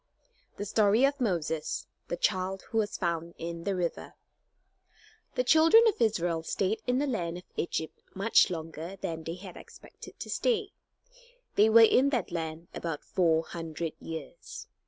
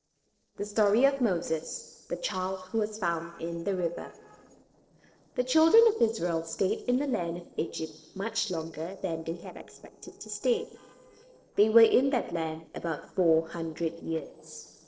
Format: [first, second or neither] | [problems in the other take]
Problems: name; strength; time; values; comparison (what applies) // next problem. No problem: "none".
first | noise reduction (neural separator model SepFormer DNS4)